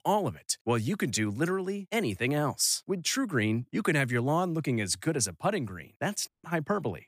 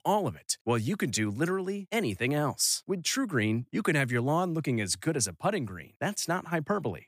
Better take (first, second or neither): second